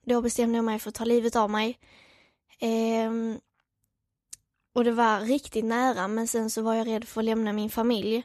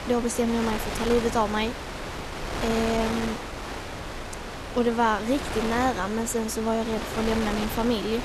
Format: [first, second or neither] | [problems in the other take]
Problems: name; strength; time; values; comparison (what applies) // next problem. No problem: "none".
first | wind noise on the microphone; heavy; 5 dB below the speech